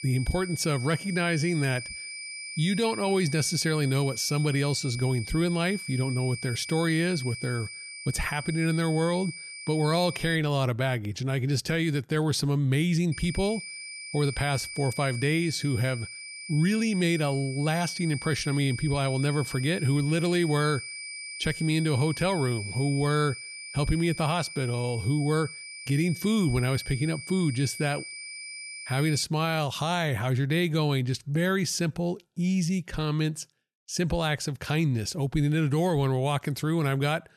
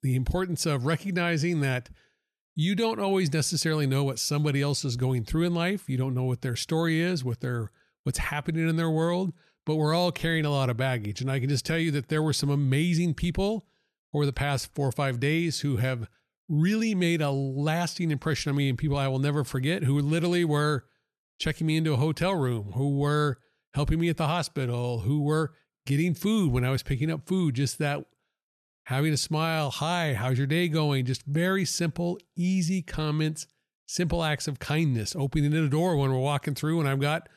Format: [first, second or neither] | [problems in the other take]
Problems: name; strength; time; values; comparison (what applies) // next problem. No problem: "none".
second | high-pitched whine; loud; until 10 s and from 13 to 29 s; 2.5 kHz, 10 dB below the speech